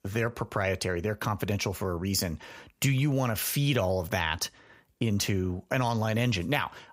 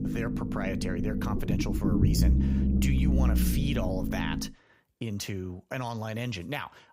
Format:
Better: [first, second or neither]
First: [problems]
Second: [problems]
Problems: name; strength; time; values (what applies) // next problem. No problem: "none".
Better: first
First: none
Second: low rumble; loud; until 4.5 s; as loud as the speech